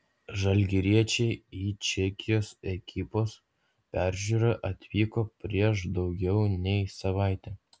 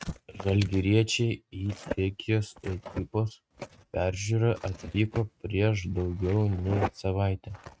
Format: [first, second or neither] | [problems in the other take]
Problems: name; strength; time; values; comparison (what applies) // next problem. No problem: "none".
first | noise reduction (neural mask model RNNoise)